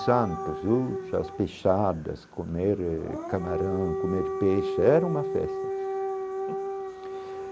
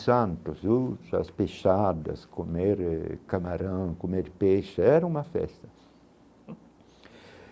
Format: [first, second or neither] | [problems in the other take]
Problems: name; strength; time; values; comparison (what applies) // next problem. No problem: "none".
second | background sound (Siren / Dog); 5 dB below the speech